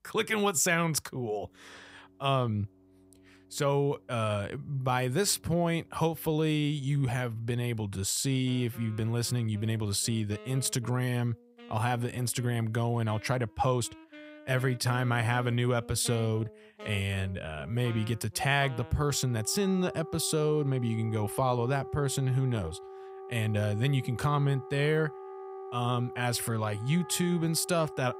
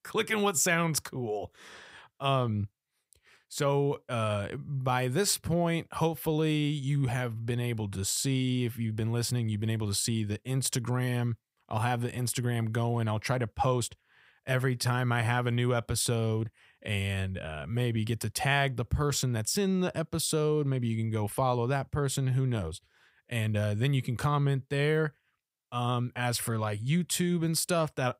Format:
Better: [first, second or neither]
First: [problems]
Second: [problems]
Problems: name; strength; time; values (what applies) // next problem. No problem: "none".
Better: second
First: background music; noticeable; throughout; 15 dB below the speech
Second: none